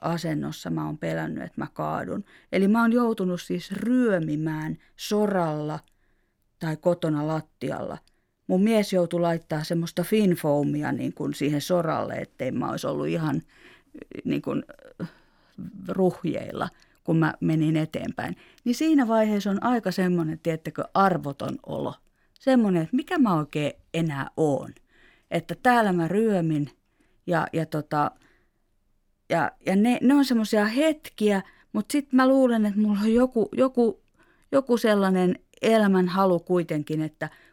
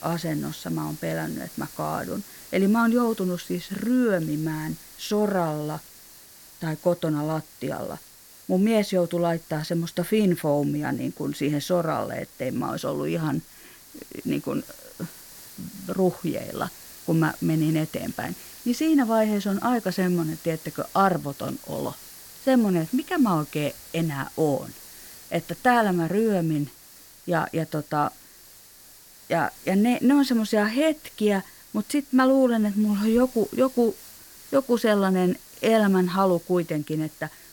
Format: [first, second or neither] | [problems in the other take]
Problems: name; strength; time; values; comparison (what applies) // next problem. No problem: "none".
first | hiss; noticeable; throughout; 20 dB below the speech